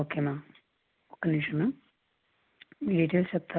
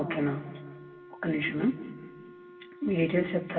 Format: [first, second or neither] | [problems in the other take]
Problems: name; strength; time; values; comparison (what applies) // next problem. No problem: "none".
first | background sound (Wind instrument, woodwind instrument); 18 dB below the speech // room echo; dies away in 1.6 s